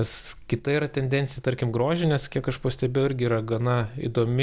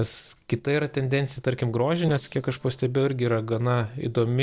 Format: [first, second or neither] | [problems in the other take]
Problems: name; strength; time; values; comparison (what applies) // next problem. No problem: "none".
first | noise reduction (neural separator model SepFormer DNS4)